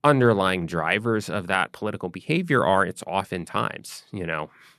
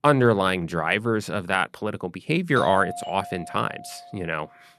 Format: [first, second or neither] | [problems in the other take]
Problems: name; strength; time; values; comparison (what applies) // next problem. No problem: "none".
first | doorbell; noticeable; from 2.5 to 4.5 s; peak 7 dB below the speech